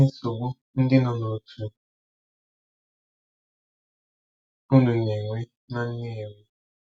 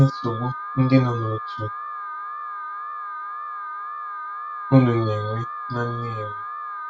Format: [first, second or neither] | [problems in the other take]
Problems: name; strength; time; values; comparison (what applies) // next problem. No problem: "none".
first | background sound (Alarm); 7 dB below the speech